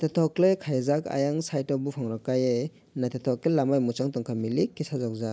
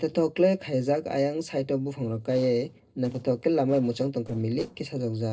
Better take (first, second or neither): first